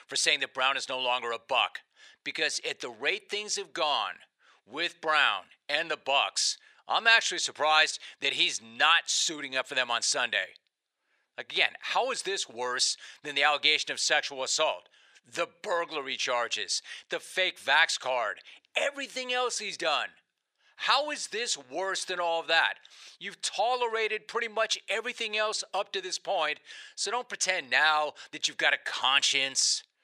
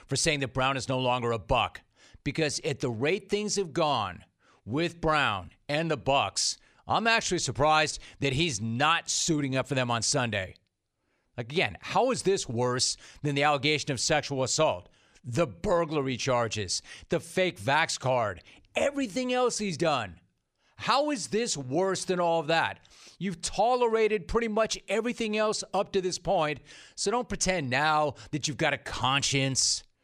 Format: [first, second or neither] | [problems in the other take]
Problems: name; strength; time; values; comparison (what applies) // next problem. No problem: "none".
second | thin; very; fading below 600 Hz